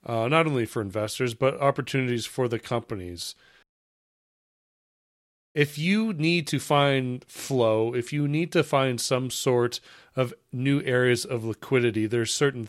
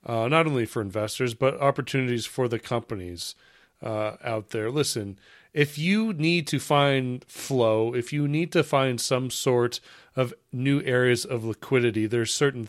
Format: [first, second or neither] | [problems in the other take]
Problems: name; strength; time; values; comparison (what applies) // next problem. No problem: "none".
second | audio cutting out; at 3.5 s for 2 s